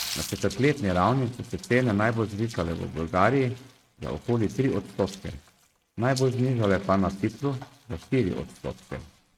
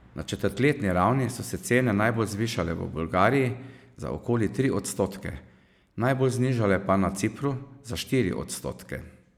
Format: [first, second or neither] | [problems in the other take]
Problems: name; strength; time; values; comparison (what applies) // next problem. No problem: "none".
second | noise reduction (neural mask model RNNoise)